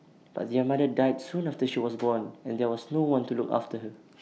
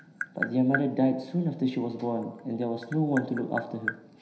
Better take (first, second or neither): first